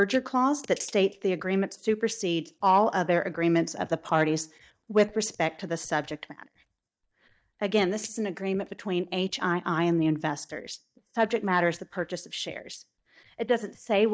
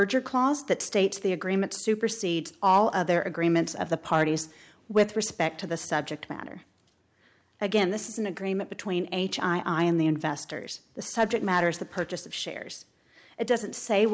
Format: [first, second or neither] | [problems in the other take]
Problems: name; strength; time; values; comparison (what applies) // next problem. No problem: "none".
second | noise reduction (neural mask model DeepFilterNet 3)